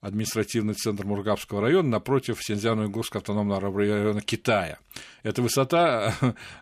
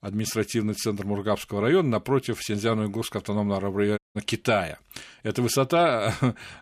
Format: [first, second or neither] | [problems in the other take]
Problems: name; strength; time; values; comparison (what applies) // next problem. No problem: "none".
first | audio cutting out; at 4 s